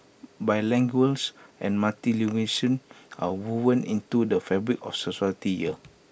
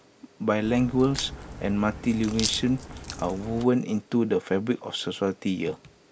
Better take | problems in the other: first | background sound (Crack); 10 dB below the speech

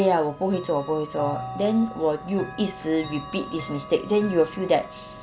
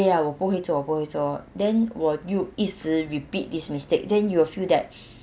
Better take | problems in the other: second | background sound (Chime / Clock); 13 dB below the speech

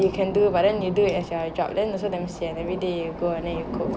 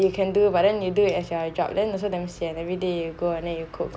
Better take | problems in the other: second | background sound (Thunder); 9 dB below the speech

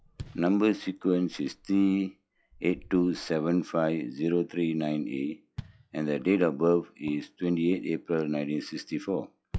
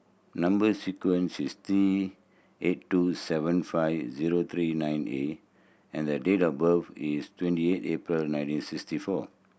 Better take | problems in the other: second | noise reduction (classical method log-MMSE)

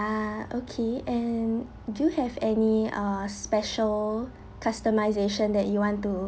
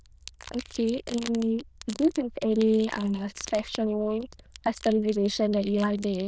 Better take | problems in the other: first | noise reduction (neural diffusion model UNIVERSE++)

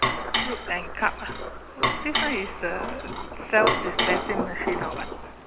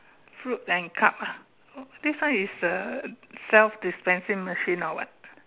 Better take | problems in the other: second | background sound (Dishes, pots, and pans + Thunder); 2 dB above the speech

